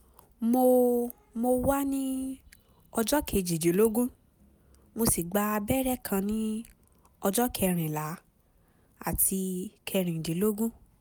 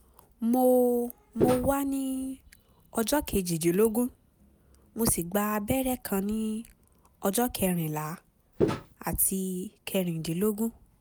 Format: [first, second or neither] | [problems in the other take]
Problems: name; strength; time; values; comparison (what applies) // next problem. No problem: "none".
first | background sound (Walk, footsteps); 1 dB above the speech